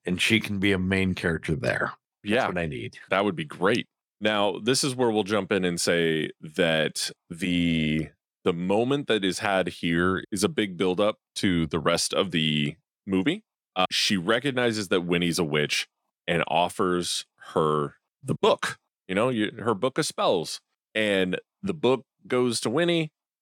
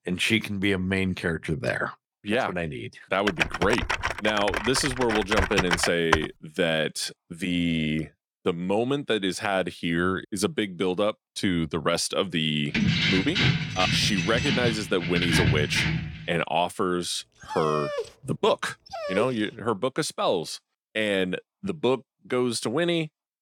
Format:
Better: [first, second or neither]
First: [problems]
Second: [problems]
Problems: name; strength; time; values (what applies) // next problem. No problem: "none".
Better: first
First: none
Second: keyboard typing; loud; from 3.5 to 6 s; peak 2 dB above the speech // jangling keys; loud; from 13 to 16 s; peak 4 dB above the speech // dog barking; noticeable; from 17 to 19 s; peak 5 dB below the speech